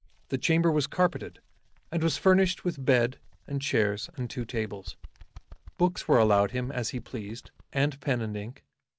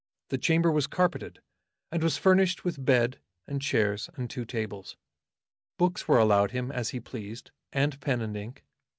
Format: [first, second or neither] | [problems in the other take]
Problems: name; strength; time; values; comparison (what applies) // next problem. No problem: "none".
second | background sound (Bird); 20 dB below the speech